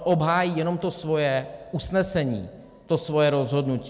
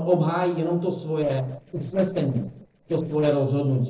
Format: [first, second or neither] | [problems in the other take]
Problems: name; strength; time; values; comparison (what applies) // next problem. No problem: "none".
first | noise reduction (neural separator model SepFormer DNS4)